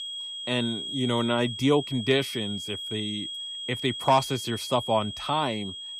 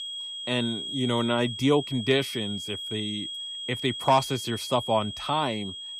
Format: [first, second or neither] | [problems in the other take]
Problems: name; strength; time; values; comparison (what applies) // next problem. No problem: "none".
neither | high-pitched whine; loud; throughout; 3.5 kHz, 6 dB below the speech; the same in both